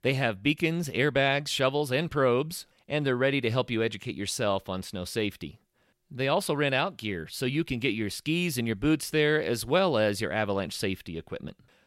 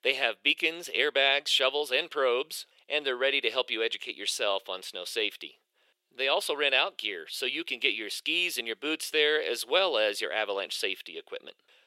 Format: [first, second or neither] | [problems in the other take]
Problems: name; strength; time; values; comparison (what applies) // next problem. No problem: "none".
first | thin; very; fading below 400 Hz